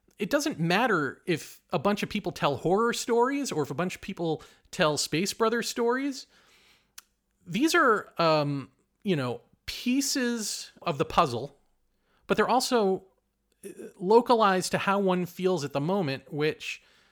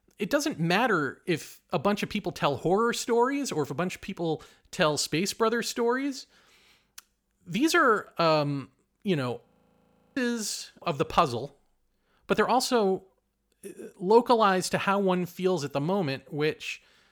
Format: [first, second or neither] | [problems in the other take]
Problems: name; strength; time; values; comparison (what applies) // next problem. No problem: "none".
first | audio freezing; at 9.5 s for 0.5 s